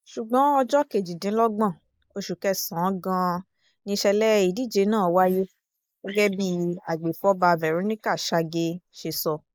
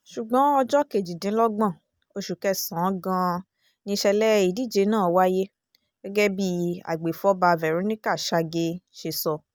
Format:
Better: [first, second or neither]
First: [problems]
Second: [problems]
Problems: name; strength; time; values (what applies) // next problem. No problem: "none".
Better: second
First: noise reduction (neural mask model Resemble Enhance denoiser)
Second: none